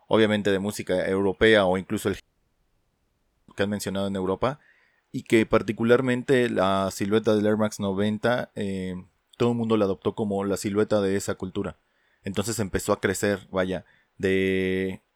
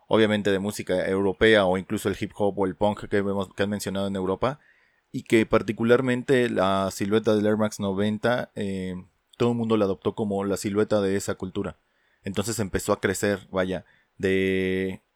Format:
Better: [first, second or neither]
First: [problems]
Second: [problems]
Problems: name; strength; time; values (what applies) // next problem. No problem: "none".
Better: second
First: audio cutting out; at 2 s for 1.5 s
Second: none